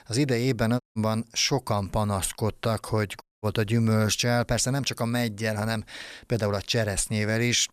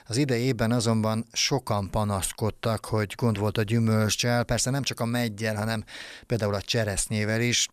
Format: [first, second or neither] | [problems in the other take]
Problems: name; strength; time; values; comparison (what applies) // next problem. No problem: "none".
second | audio cutting out; at 1 s and at 3 s